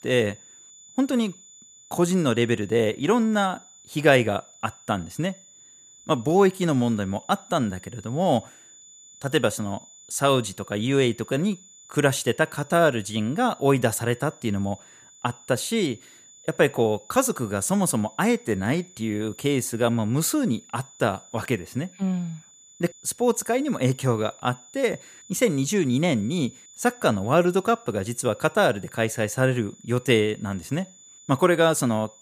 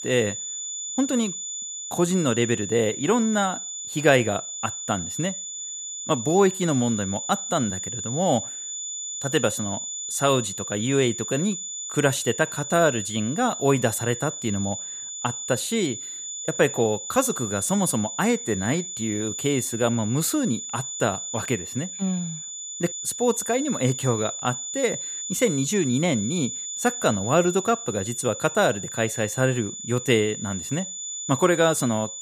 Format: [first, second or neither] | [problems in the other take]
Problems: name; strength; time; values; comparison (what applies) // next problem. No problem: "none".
first | high-pitched whine; loud; throughout; 7 kHz, 6 dB below the speech; faint in the first